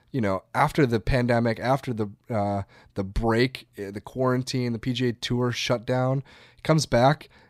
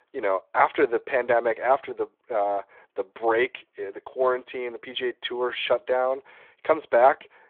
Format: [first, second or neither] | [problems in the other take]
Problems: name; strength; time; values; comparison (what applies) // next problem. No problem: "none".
first | phone-call audio; nothing above 3.5 kHz